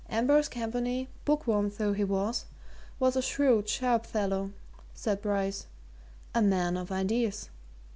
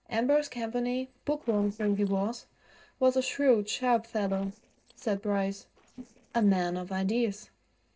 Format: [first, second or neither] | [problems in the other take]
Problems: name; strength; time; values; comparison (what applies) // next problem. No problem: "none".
first | noise reduction (neural separator model SepFormer DNS4)